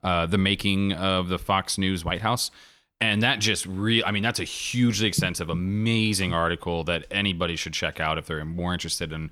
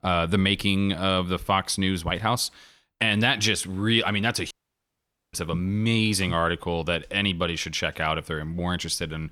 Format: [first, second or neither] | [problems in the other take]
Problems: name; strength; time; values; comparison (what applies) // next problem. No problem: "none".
first | audio cutting out; at 4.5 s for 1 s